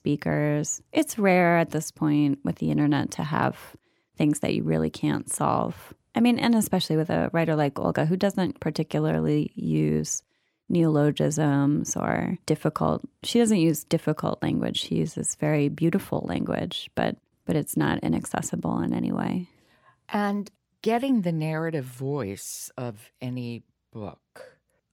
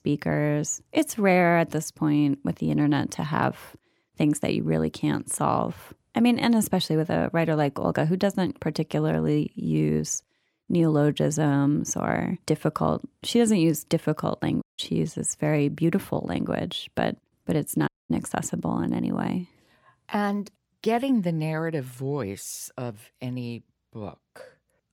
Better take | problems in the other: first | audio cutting out; at 15 s and at 18 s

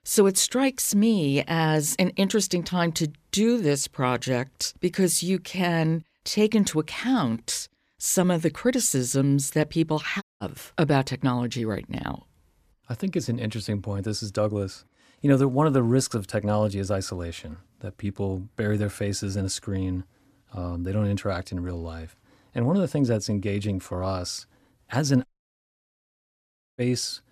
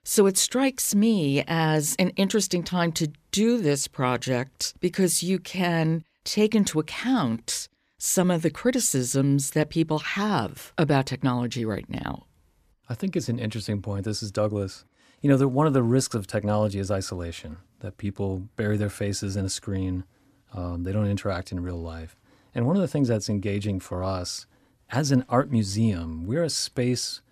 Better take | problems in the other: second | audio cutting out; at 10 s and at 25 s for 1.5 s

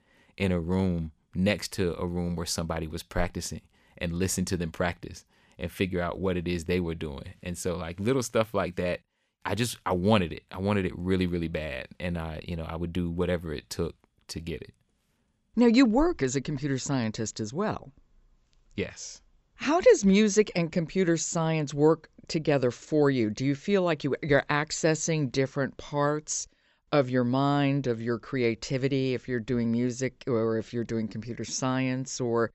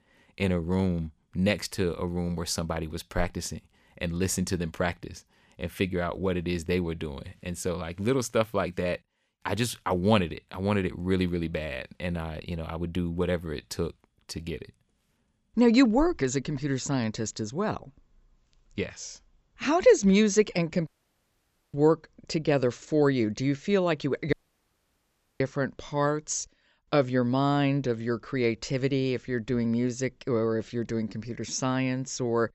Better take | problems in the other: first | audio cutting out; at 21 s for 1 s and at 24 s for 1 s

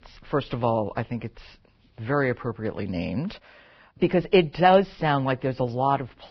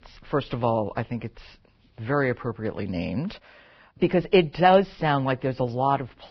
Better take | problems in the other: neither | garbled, watery; badly; nothing above 5.5 kHz; the same in both

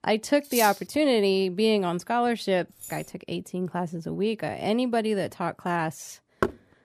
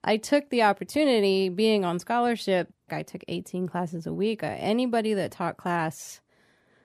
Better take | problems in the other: second | clattering dishes; noticeable; at 0.5 s; peak 4 dB below the speech // jangling keys; faint; at 3 s; peak 15 dB below the speech // door banging; noticeable; at 6.5 s; peak 4 dB below the speech

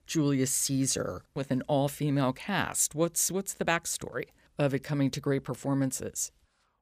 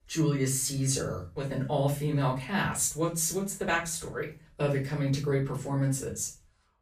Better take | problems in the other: first | off-mic speech; far // room echo; slight; dies away in 0.3 s

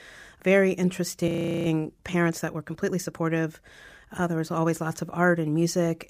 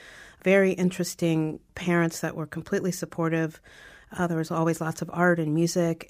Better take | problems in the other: second | audio freezing; at 1.5 s

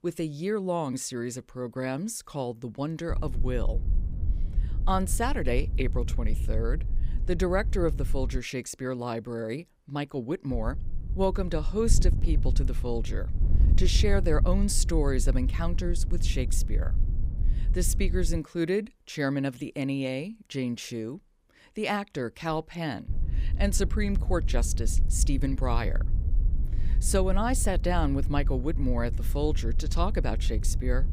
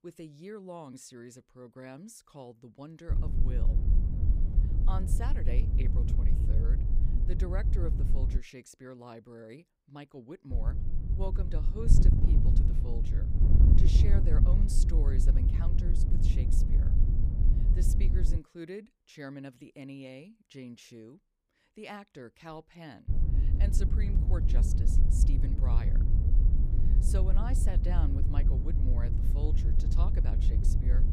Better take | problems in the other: first | wind noise on the microphone; heavy; from 3 to 8.5 s, from 11 to 18 s and from 23 s on; as loud as the speech; occasional gusts in the first

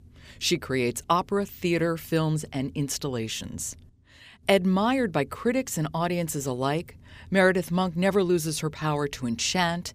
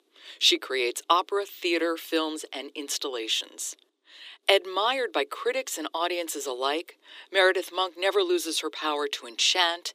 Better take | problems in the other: first | thin; very; fading below 300 Hz

